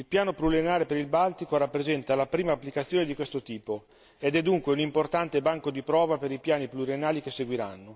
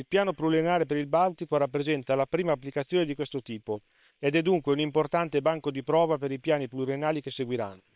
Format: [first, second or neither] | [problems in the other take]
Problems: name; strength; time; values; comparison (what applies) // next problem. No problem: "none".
first | noise reduction (neural separator model SepFormer WHAM!)